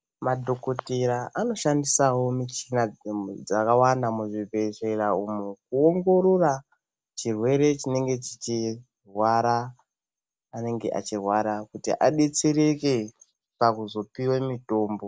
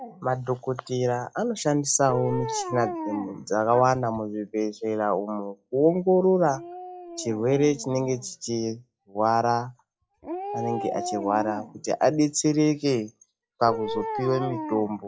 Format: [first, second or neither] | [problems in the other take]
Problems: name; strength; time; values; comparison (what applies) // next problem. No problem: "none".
first | noise reduction (classical method log-MMSE)